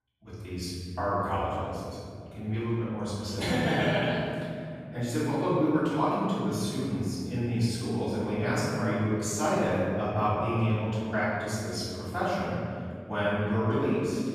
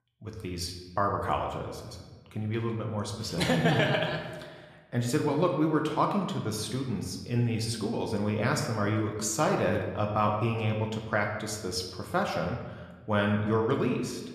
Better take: second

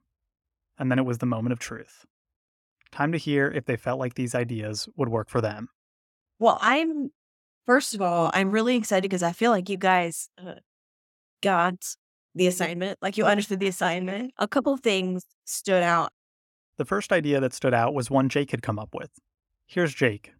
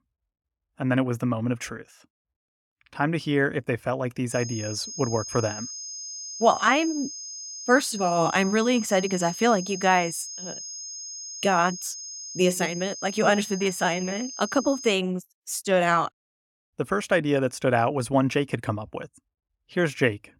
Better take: first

